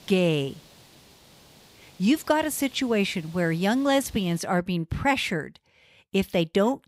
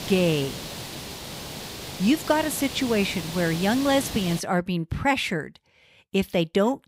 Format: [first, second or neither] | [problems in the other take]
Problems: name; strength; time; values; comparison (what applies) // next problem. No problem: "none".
first | hiss; loud; until 4.5 s; 9 dB below the speech; faint in the first